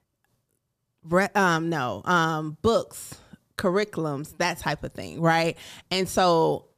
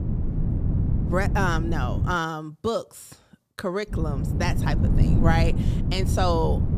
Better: first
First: none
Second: wind noise on the microphone; heavy; until 2 s and from 4 s on; 8 dB below the speech

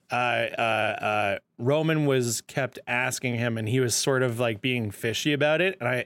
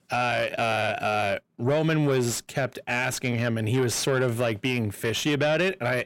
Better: first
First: none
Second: distortion; slight; 10 dB below the speech

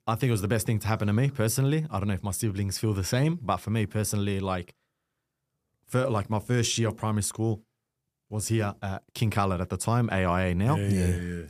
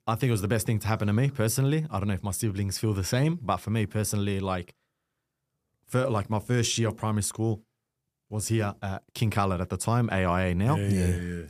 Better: neither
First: none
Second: none

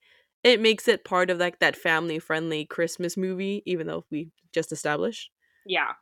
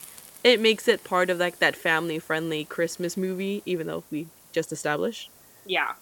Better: first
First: none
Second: hiss; faint; throughout; 25 dB below the speech

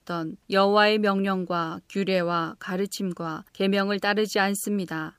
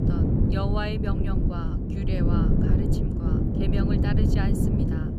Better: first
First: none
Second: wind noise on the microphone; heavy; 3 dB above the speech

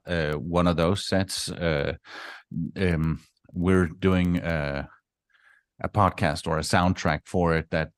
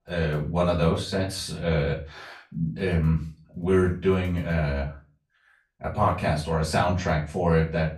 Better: first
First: none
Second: off-mic speech; far // room echo; slight; dies away in 0.3 s

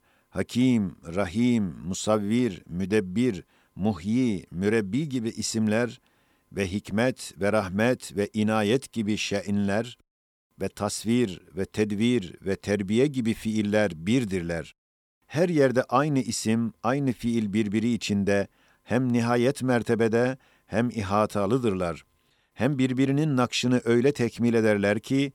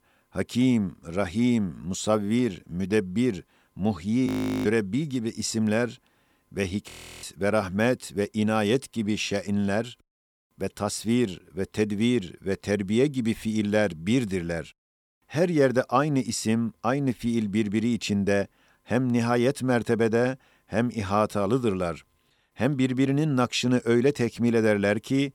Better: first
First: none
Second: audio freezing; at 4.5 s and at 7 s

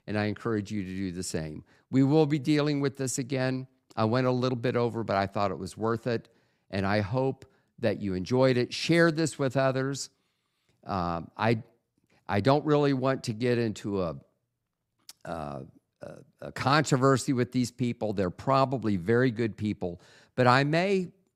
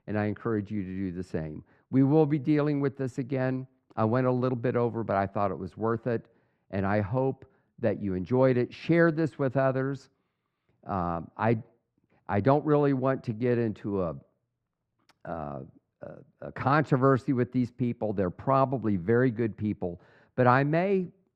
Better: first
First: none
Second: muffled; very; fading above 4 kHz

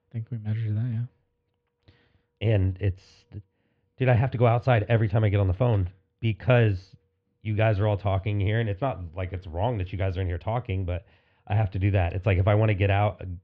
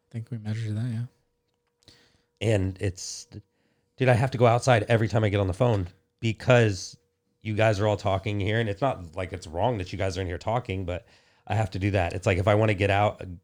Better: second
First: muffled; very; fading above 3 kHz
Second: none

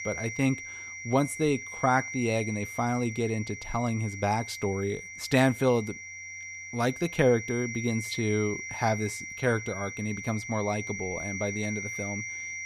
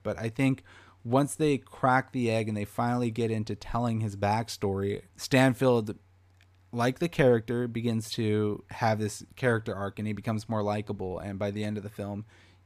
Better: second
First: high-pitched whine; loud; throughout; 2 kHz, 8 dB below the speech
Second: none

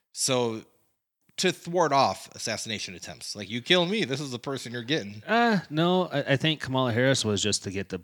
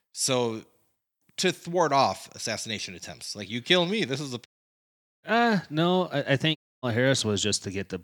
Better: first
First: none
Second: audio cutting out; at 4.5 s for 1 s and at 6.5 s

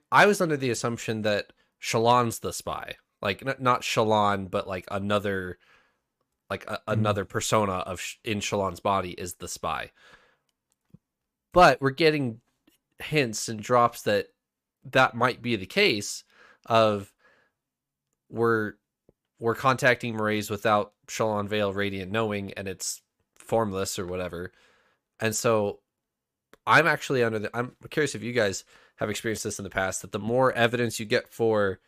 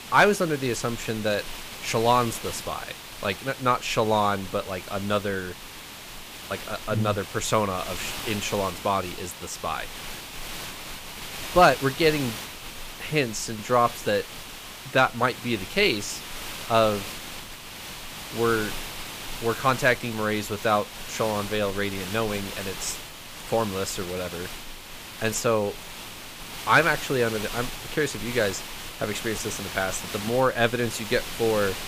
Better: first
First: none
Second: hiss; loud; throughout; 10 dB below the speech

